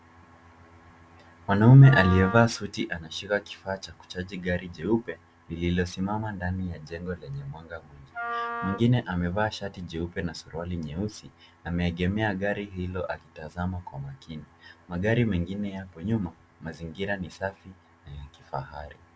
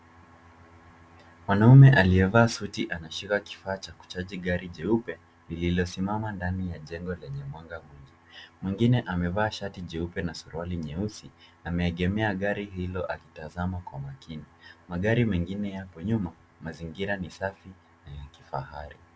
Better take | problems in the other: second | background sound (Wind instrument, woodwind instrument); 10 dB below the speech

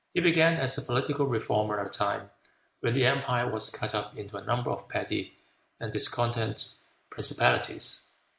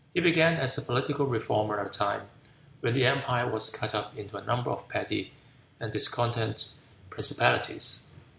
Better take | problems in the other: second | noise reduction (neural mask model Resemble Enhance denoiser)

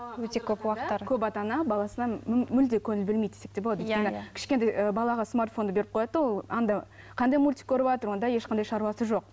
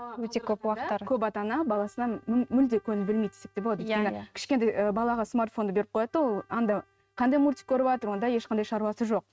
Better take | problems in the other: first | noise reduction (neural mask model RNNoise)

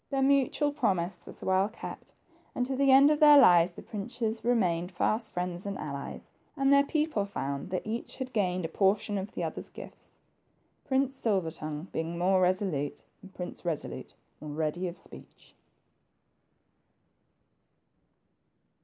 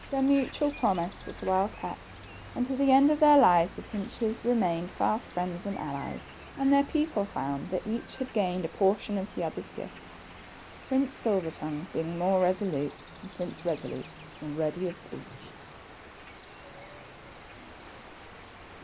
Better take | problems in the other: first | background sound (Cricket); 17 dB below the speech

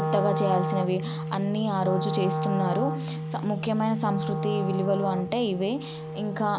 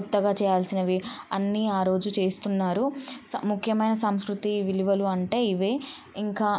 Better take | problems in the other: second | background sound (Wind instrument, woodwind instrument); 3 dB below the speech

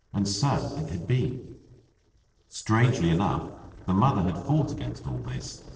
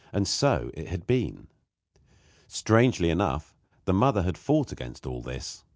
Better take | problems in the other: second | noise reduction (neural separator model SepFormer DNS4)

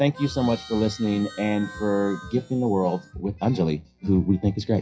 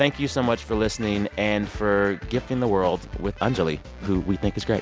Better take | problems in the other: second | noise reduction (classical method WPE with log-MMSE)

